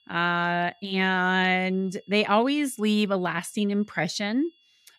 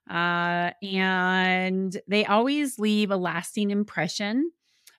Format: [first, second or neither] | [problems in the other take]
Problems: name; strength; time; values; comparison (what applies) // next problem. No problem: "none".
second | high-pitched whine; faint; throughout; 3.5 kHz, 35 dB below the speech